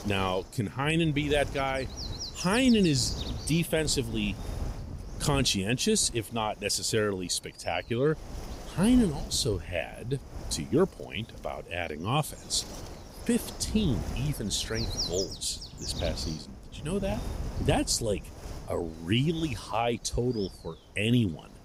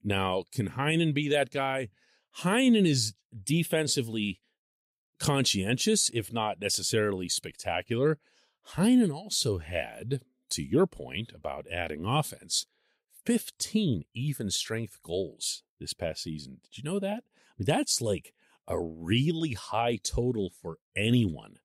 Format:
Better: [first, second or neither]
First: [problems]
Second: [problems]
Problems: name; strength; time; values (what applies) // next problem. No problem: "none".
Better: second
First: wind noise on the microphone; occasional gusts; 10 dB below the speech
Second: none